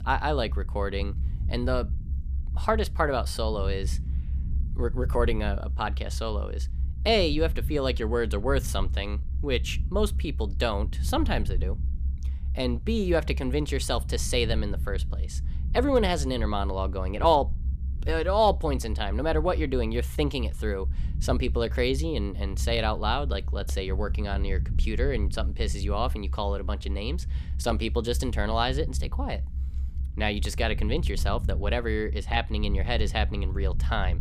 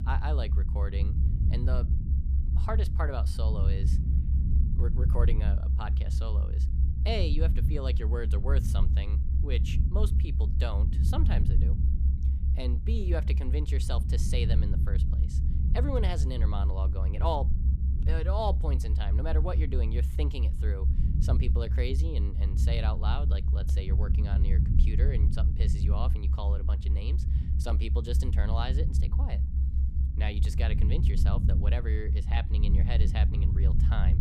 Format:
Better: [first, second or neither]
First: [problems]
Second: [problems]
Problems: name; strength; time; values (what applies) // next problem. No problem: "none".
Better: first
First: low rumble; faint; throughout; 20 dB below the speech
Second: low rumble; loud; throughout; 6 dB below the speech